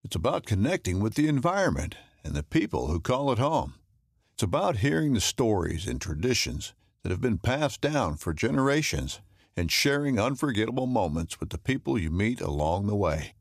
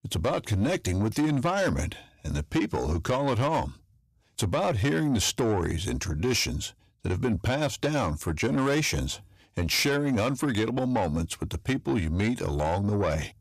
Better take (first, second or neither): first